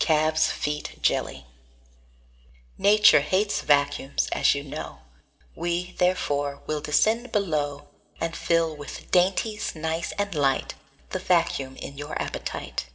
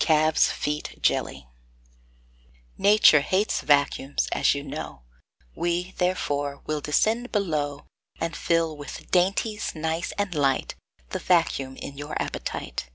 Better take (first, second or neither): second